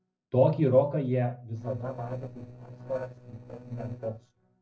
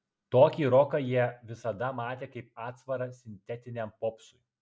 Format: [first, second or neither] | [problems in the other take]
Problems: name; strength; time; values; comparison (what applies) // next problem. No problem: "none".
second | noise reduction (neural separator model SepFormer DNS4)